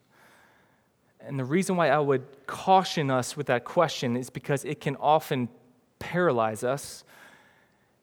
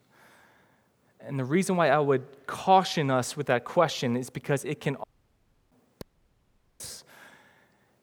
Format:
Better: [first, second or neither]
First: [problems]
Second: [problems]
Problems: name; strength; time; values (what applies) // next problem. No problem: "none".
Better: first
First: none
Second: audio cutting out; at 5 s for 0.5 s and at 6 s for 1 s